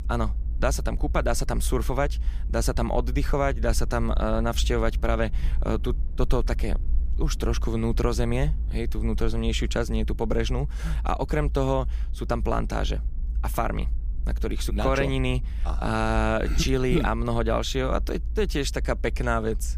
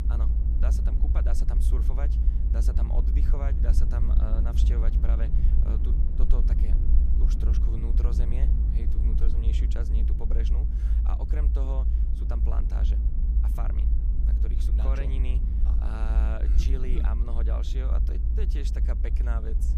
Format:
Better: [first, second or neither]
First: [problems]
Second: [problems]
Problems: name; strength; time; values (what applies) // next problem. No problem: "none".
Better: first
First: low rumble; faint; throughout; 25 dB below the speech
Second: low rumble; loud; throughout; 2 dB below the speech